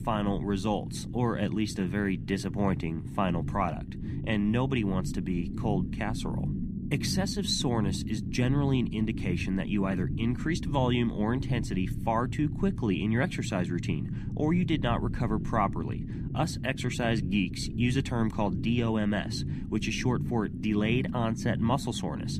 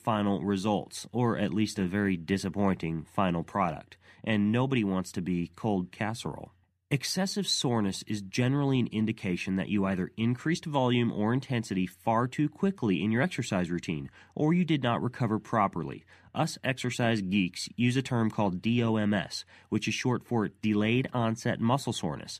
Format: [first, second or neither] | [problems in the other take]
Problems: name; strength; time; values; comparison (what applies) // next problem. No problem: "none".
second | low rumble; noticeable; throughout; 10 dB below the speech